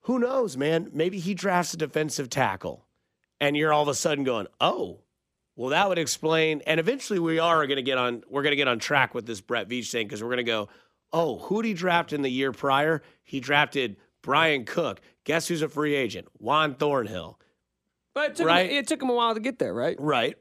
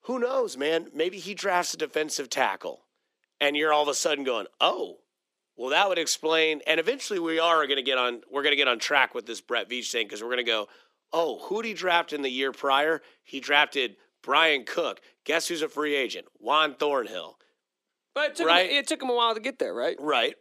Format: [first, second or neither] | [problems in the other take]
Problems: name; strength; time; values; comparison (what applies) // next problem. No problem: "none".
first | thin; somewhat; fading below 300 Hz